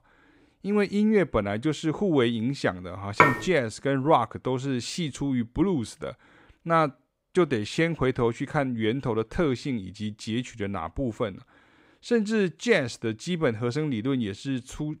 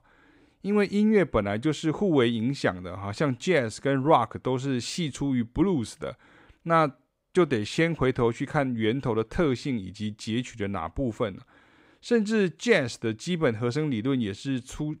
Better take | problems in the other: second | clattering dishes; loud; at 3 s; peak 6 dB above the speech

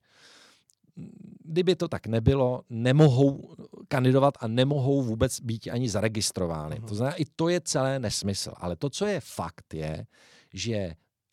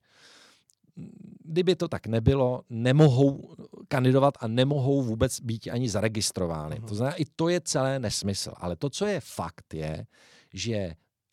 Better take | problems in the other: neither | none

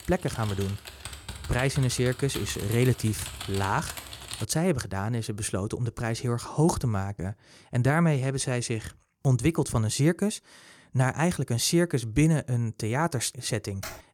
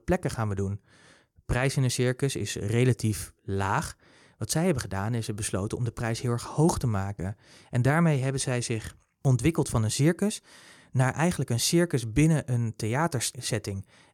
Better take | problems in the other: second | keyboard typing; noticeable; until 4.5 s; peak 9 dB below the speech // keyboard typing; faint; at 14 s; peak 15 dB below the speech

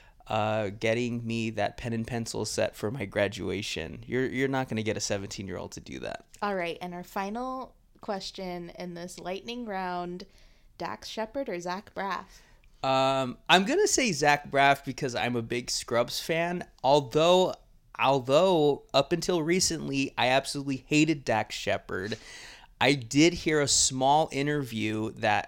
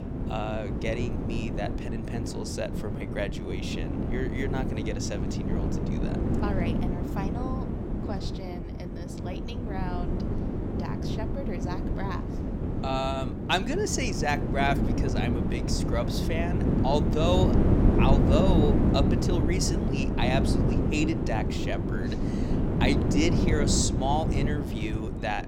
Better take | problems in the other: first | wind noise on the microphone; heavy; 3 dB below the speech

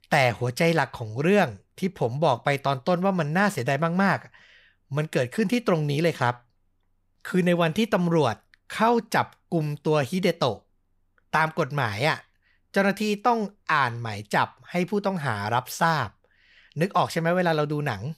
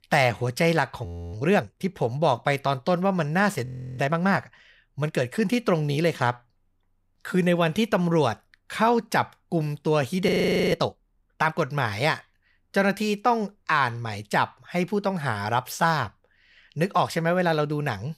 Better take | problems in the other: first | audio freezing; at 1 s, at 3.5 s and at 10 s

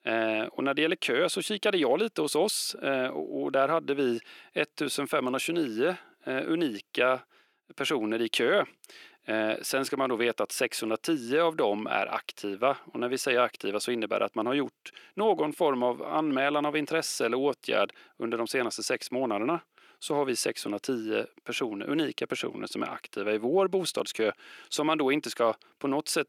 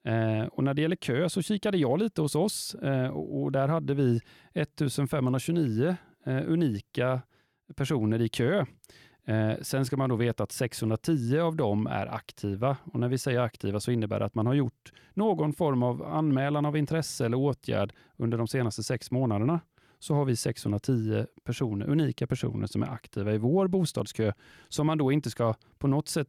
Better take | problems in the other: second | thin; somewhat; fading below 300 Hz

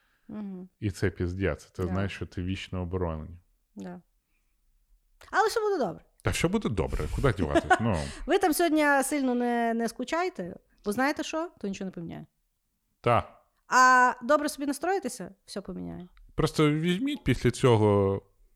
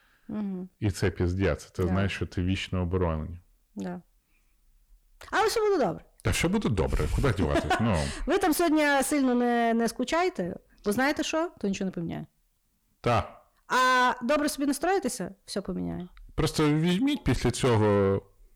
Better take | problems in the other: first | distortion; heavy; 6 dB below the speech

